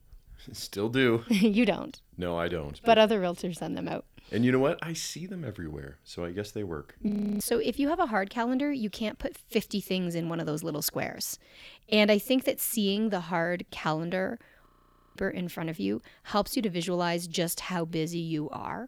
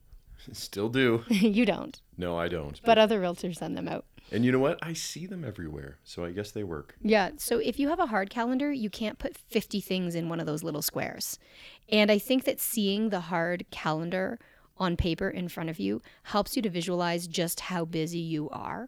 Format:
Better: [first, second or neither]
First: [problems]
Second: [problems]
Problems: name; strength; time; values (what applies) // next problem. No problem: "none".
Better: second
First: audio freezing; at 7 s and at 15 s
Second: none